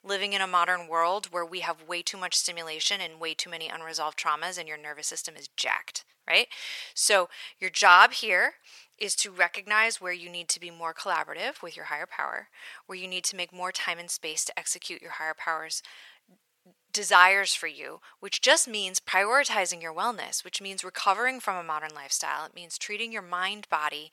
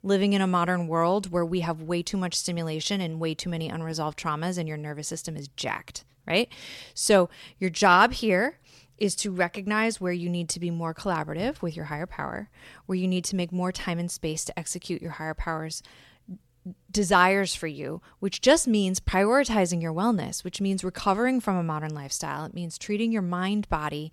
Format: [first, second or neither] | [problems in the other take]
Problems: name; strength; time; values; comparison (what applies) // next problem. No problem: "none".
second | thin; very; fading below 800 Hz